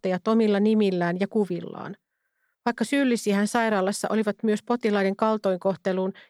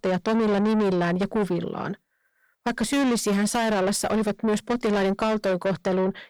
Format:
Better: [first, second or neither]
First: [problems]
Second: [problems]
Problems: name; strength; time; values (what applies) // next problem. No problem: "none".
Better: first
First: none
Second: distortion; heavy; 7 dB below the speech